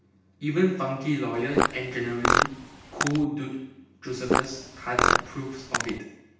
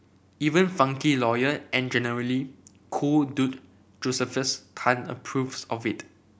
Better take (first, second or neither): second